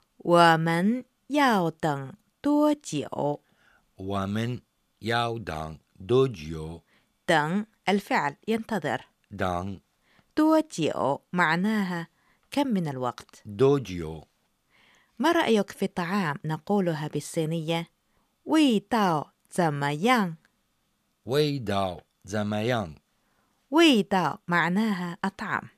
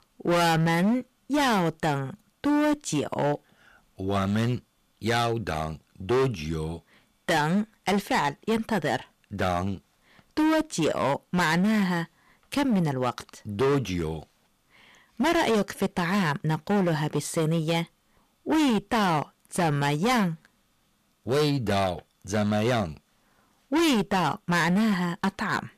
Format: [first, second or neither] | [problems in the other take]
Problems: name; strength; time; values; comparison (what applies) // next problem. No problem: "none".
first | distortion; heavy; 14% of the sound clipped